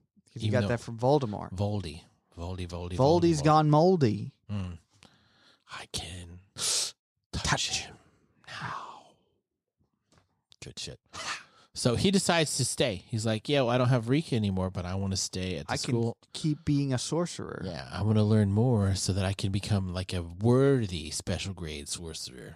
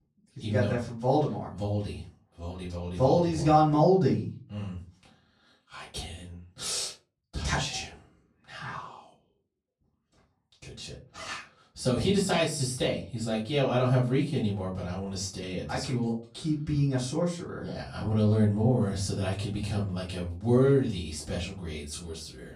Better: first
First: none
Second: off-mic speech; far // room echo; slight; dies away in 0.3 s

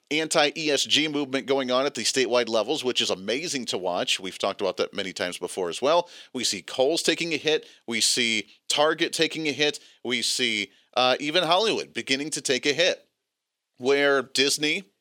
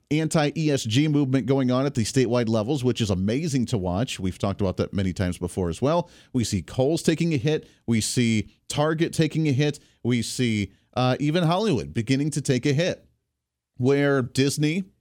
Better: second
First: thin; somewhat; fading below 500 Hz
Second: none

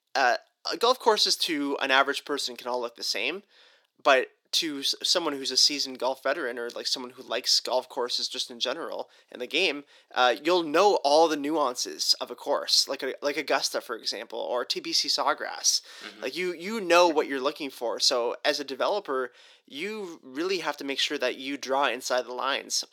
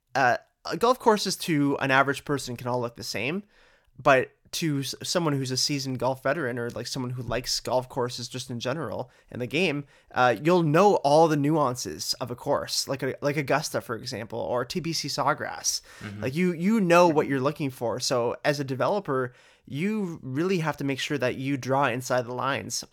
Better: second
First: thin; somewhat; fading below 300 Hz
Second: none

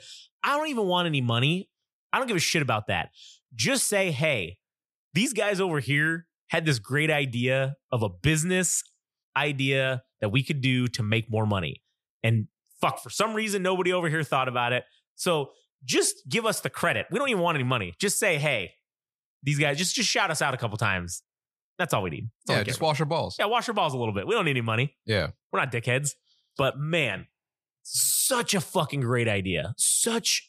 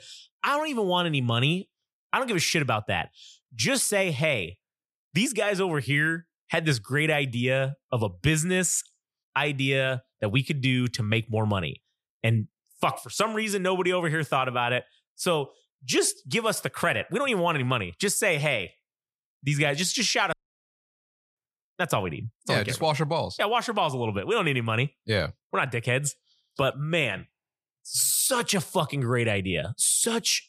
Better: first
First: none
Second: audio cutting out; at 20 s for 1 s

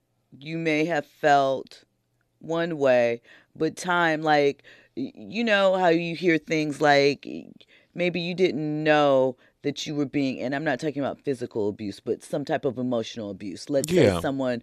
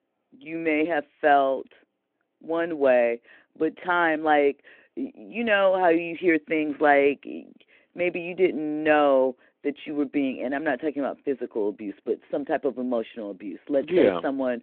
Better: first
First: none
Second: phone-call audio

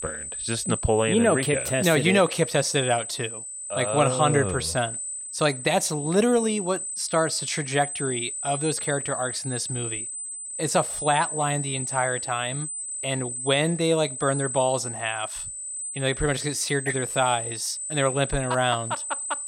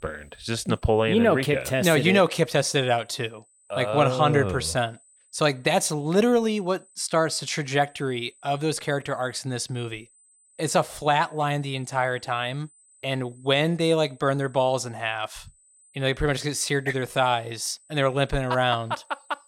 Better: second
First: high-pitched whine; loud; throughout; 8 kHz, 6 dB below the speech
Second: high-pitched whine; faint; throughout; 8 kHz, 30 dB below the speech

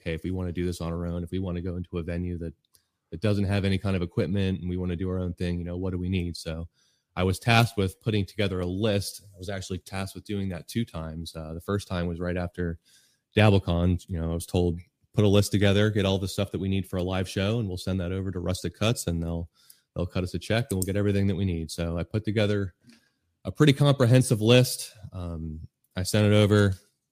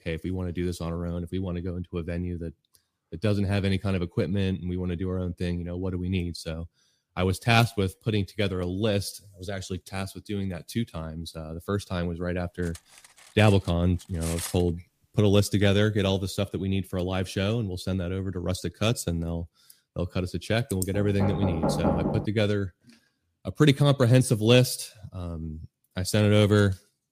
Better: first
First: none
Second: clattering dishes; noticeable; from 13 to 15 s; peak 7 dB below the speech // door banging; loud; from 21 to 22 s; peak 1 dB above the speech

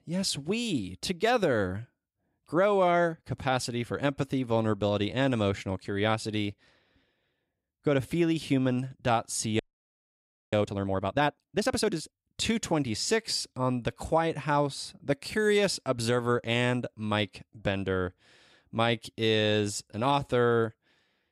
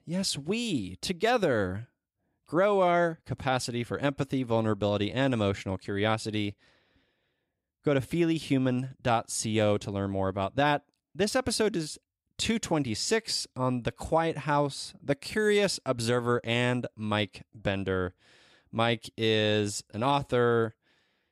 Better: second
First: audio freezing; at 9.5 s for 1 s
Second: none

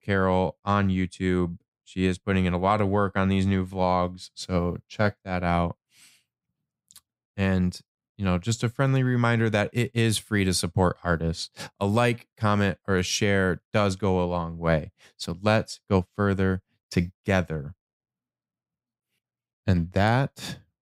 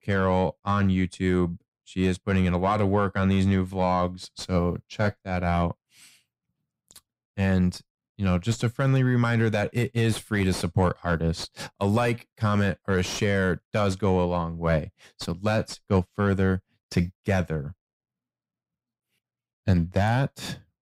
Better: first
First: none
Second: distortion; slight; 10 dB below the speech

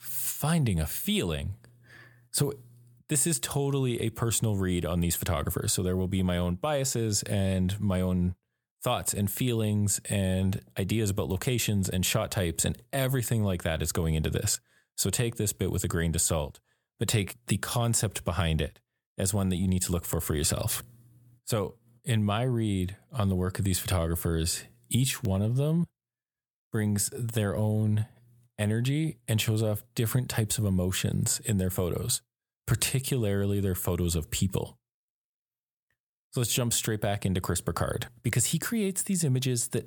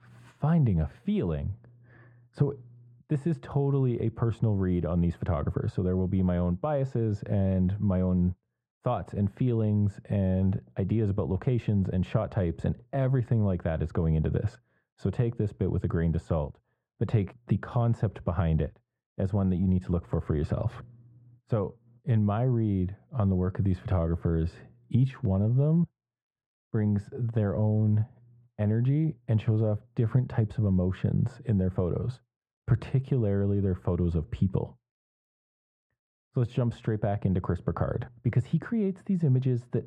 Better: first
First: none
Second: muffled; very; fading above 1 kHz

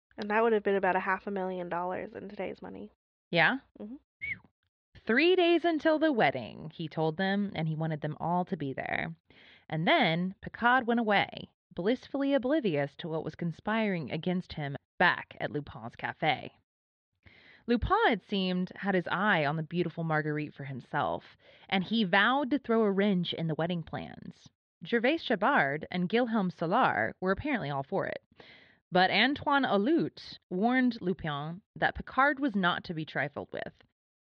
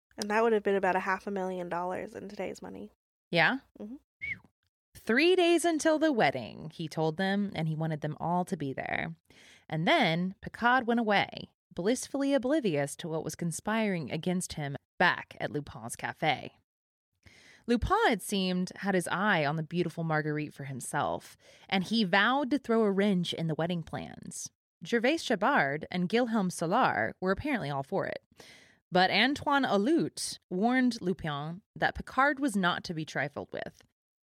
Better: second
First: muffled; very slightly; fading above 4 kHz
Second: none

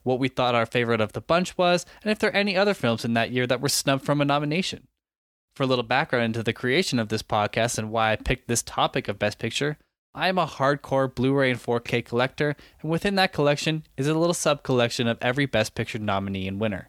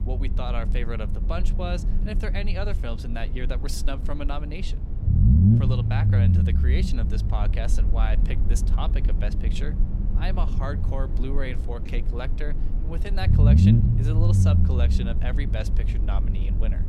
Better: first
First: none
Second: low rumble; loud; throughout; 1 dB below the speech

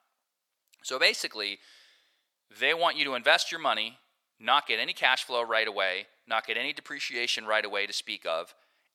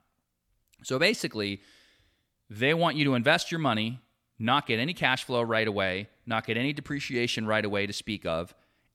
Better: second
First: thin; very; fading below 700 Hz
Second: none

